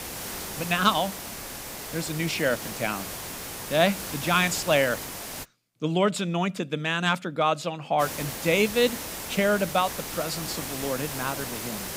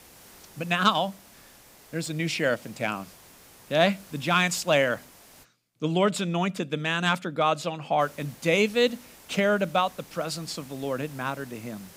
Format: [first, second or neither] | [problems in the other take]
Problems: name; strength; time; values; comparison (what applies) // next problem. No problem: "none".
second | hiss; loud; until 5.5 s and from 8 s on; 8 dB below the speech; faint in the second